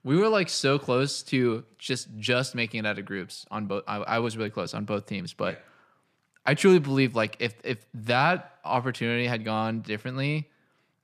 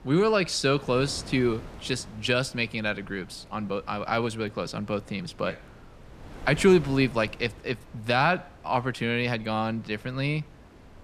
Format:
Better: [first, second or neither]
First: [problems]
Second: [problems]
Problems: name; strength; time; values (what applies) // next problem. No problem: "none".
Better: first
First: none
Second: wind noise on the microphone; occasional gusts; 20 dB below the speech